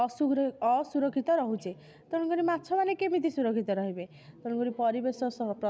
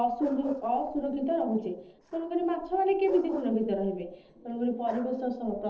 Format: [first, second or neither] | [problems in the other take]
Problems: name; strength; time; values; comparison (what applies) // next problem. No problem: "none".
first | noise reduction (neural separator model SepFormer DNS4)